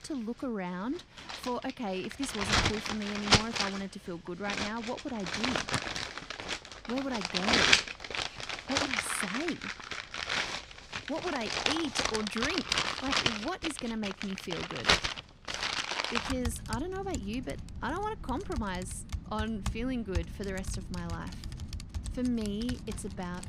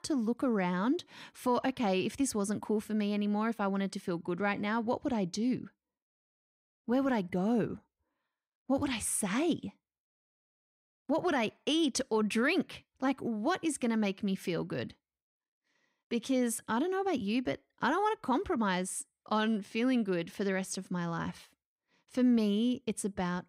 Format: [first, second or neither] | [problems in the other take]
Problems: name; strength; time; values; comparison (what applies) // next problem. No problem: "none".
second | household noises; very loud; throughout; 4 dB above the speech